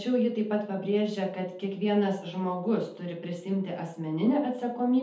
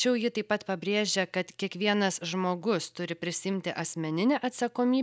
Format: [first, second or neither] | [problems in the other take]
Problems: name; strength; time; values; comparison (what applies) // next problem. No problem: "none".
second | room echo; dies away in 0.6 s